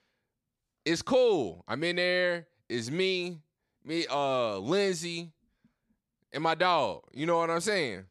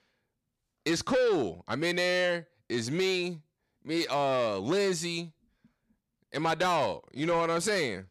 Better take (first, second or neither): first